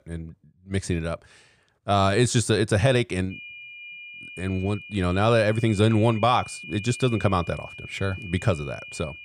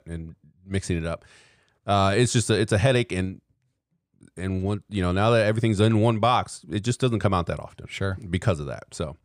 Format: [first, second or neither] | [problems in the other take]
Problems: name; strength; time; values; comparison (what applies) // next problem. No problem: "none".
second | high-pitched whine; noticeable; from 3.5 s on; 2.5 kHz, 15 dB below the speech